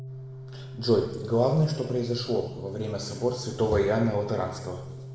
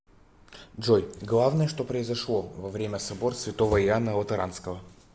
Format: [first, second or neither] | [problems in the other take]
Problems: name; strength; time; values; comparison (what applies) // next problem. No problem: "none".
second | background sound (Organ); 13 dB below the speech // room echo; dies away in 1 s